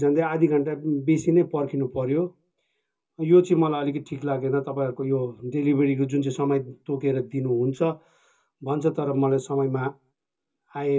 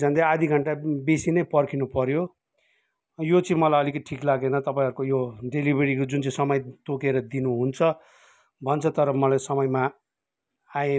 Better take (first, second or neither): second